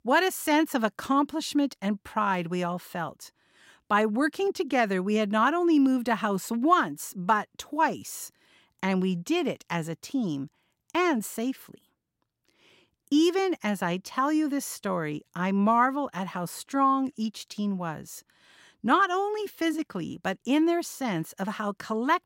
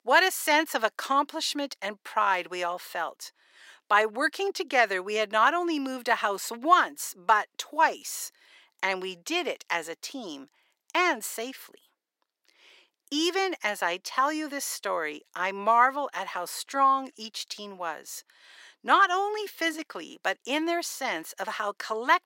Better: first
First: none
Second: thin; somewhat; fading below 450 Hz

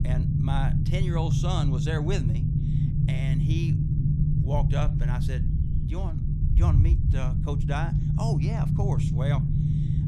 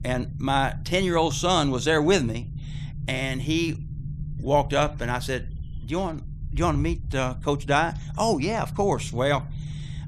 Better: second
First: low rumble; loud; throughout; as loud as the speech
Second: low rumble; faint; throughout; 20 dB below the speech

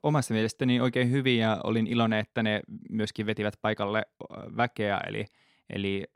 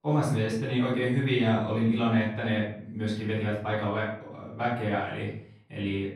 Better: first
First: none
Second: off-mic speech; far // room echo; noticeable; dies away in 0.6 s

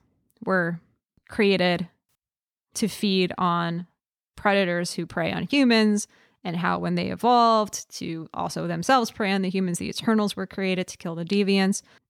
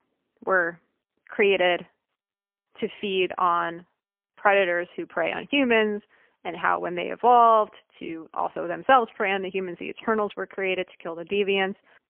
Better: first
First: none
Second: phone-call audio; poor line; nothing above 3 kHz

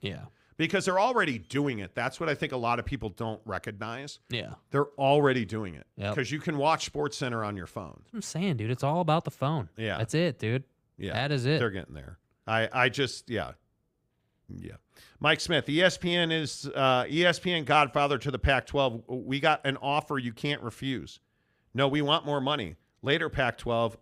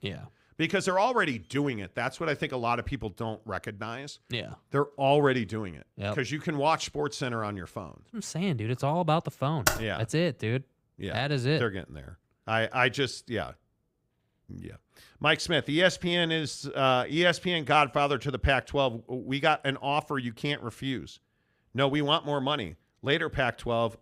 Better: first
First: none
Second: keyboard typing; loud; at 9.5 s; peak level with the speech

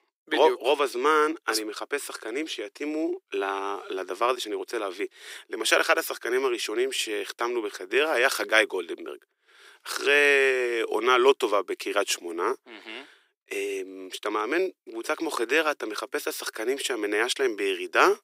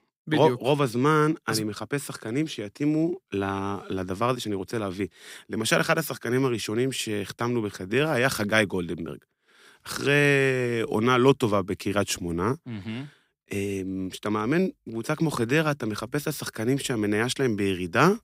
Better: second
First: thin; very; fading below 350 Hz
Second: none

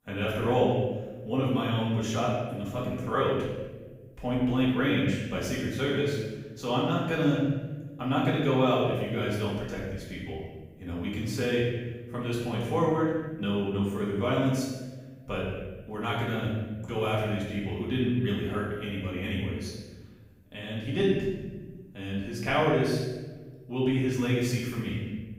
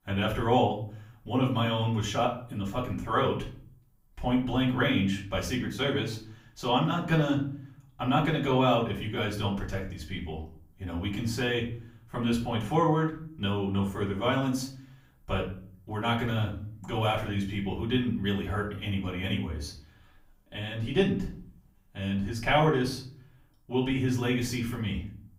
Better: second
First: room echo; strong; dies away in 1.2 s // off-mic speech; far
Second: room echo; slight; dies away in 0.4 s // off-mic speech; far

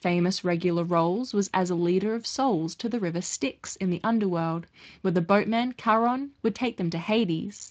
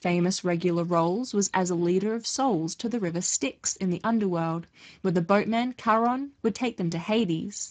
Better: first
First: garbled, watery; slightly; nothing above 7.5 kHz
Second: garbled, watery; badly; nothing above 7.5 kHz

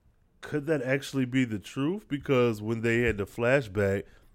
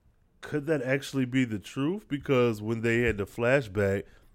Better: neither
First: none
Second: none

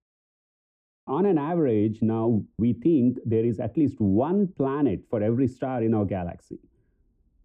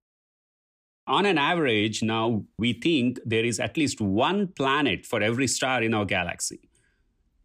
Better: second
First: muffled; very; fading above 1.5 kHz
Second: none

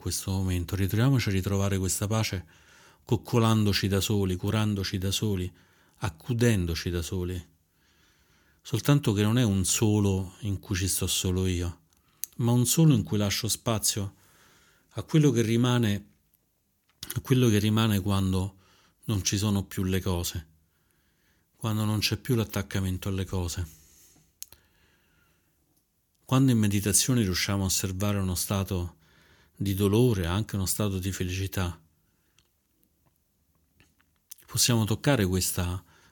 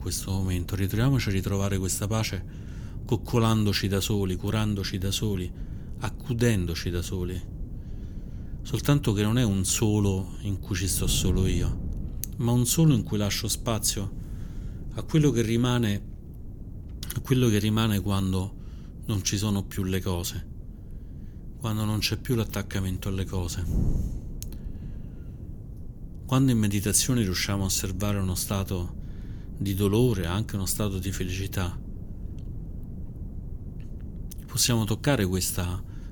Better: first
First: none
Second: wind noise on the microphone; occasional gusts; 20 dB below the speech

